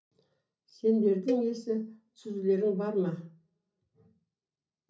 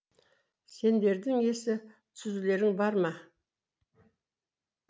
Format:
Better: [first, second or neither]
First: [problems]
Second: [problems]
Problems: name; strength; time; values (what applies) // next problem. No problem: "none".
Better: second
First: background sound (Cowbell); 9 dB below the speech // room echo; dies away in 0.5 s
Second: none